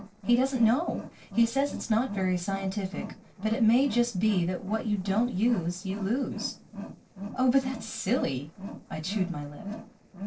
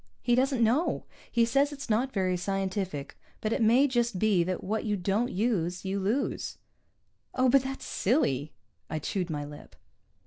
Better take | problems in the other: second | noise reduction (neural separator model SepFormer DNS4)

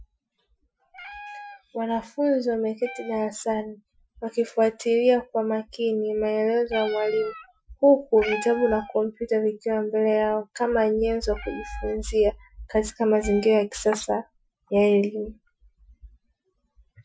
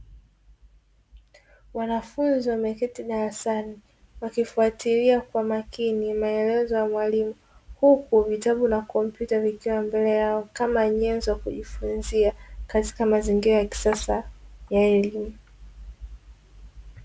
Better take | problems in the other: second | noise reduction (classical method Wiener filter)

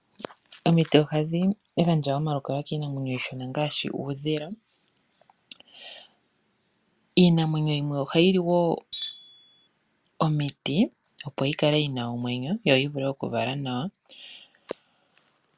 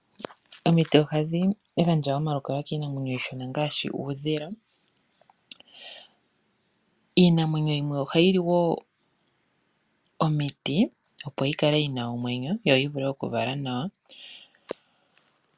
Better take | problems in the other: second | background sound (Tools); 12 dB below the speech

